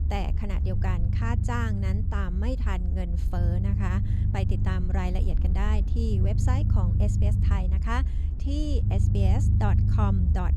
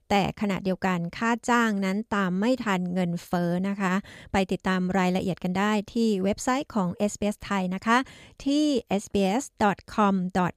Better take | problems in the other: second | low rumble; loud; throughout; 5 dB below the speech

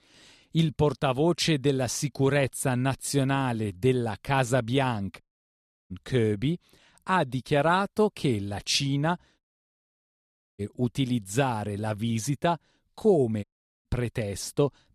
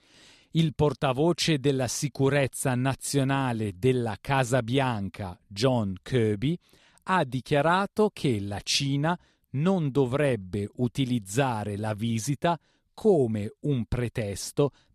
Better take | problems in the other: second | audio cutting out; at 5 s for 0.5 s, at 9.5 s for 1 s and at 13 s

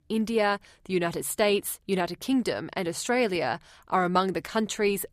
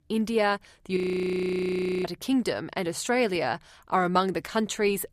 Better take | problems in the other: first | audio freezing; at 1 s for 1 s

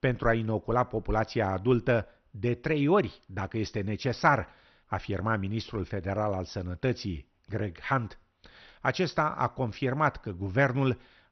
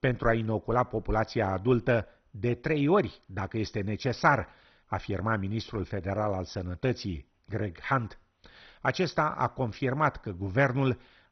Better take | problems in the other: first | garbled, watery; badly; nothing above 6 kHz; slightly in the first

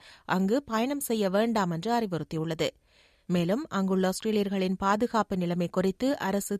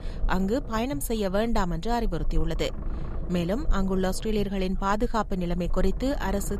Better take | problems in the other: first | low rumble; noticeable; throughout; 20 dB below the speech

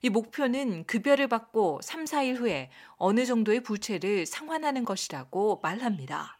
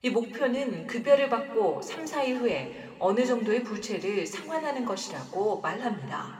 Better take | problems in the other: first | room echo; slight; dies away in 1.9 s

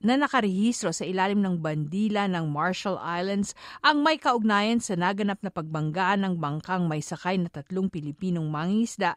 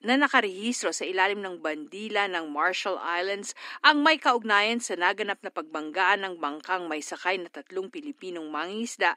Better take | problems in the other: first | thin; somewhat; fading below 250 Hz

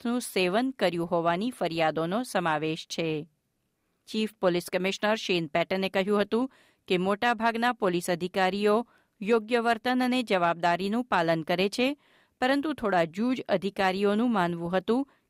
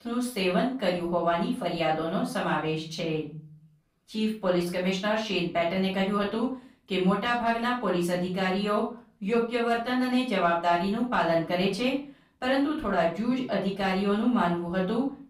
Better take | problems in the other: first | off-mic speech; far // room echo; slight; dies away in 0.5 s

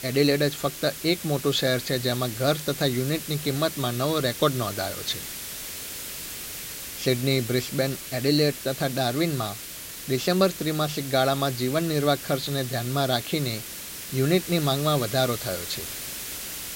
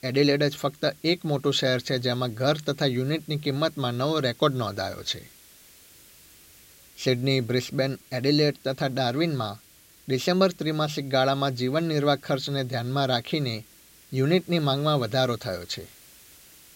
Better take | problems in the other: second | hiss; loud; throughout; 8 dB below the speech; faint in the second

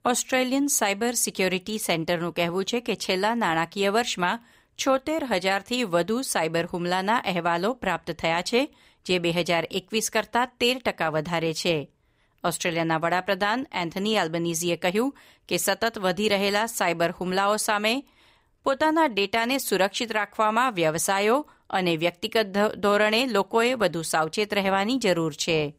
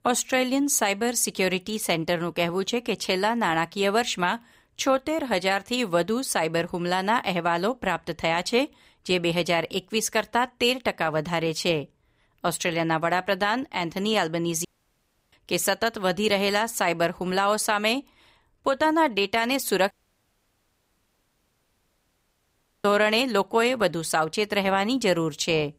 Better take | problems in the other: first | audio cutting out; at 15 s for 0.5 s and at 20 s for 3 s

